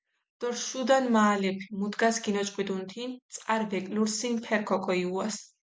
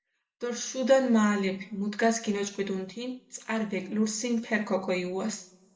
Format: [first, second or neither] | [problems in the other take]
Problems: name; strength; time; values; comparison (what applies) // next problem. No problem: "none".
first | room echo; dies away in 0.6 s